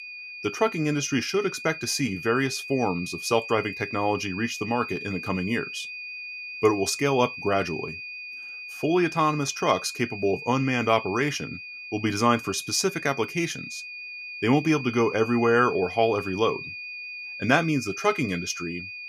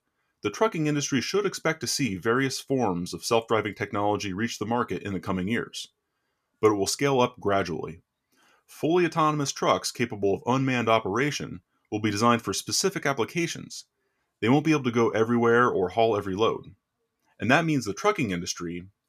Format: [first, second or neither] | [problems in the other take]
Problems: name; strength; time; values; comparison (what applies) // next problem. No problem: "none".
second | high-pitched whine; loud; throughout; 2.5 kHz, 10 dB below the speech